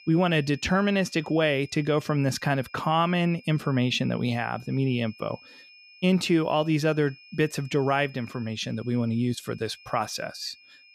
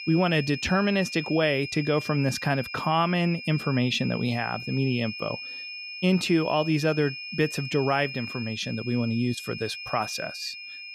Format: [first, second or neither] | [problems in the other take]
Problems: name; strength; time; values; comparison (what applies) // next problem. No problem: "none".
first | high-pitched whine; loud; throughout; 2.5 kHz, 9 dB below the speech; faint in the first